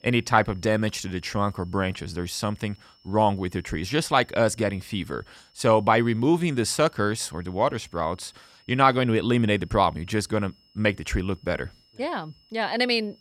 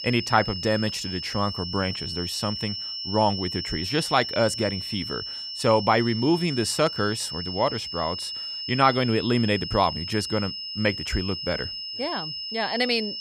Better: first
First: high-pitched whine; faint; throughout; 5.5 kHz, 35 dB below the speech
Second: high-pitched whine; loud; throughout; 5.5 kHz, 5 dB below the speech

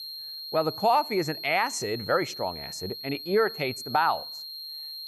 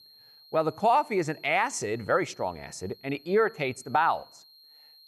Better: second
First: high-pitched whine; loud; throughout; 4 kHz, 9 dB below the speech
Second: high-pitched whine; faint; throughout; 4 kHz, 25 dB below the speech

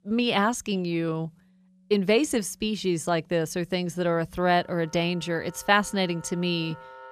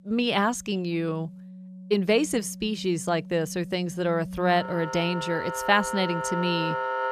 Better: first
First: background music; faint; throughout; 25 dB below the speech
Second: background music; loud; throughout; 8 dB below the speech

